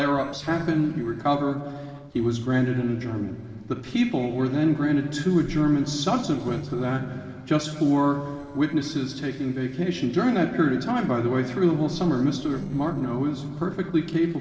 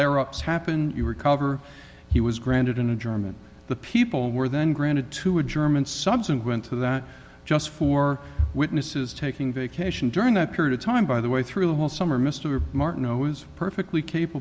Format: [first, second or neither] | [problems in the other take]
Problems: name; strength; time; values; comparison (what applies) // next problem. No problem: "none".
second | noise reduction (neural separator model SepFormer DNS4)